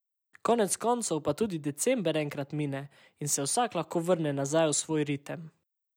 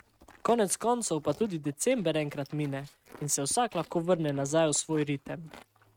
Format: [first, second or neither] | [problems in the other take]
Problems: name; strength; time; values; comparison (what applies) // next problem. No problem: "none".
first | noise reduction (neural mask model RNNoise)